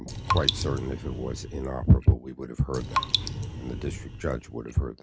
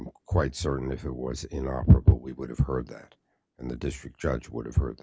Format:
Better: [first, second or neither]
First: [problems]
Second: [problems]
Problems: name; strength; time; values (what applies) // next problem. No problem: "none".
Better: second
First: background sound (Raindrop); 5 dB below the speech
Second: none